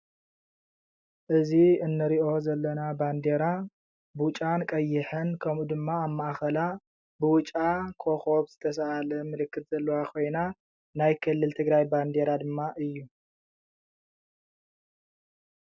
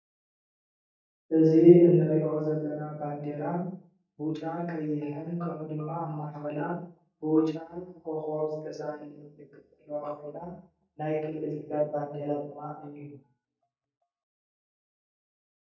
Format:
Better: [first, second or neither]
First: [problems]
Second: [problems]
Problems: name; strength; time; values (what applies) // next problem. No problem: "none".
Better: first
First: none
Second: noise reduction (neural mask model DeepFilterNet 3)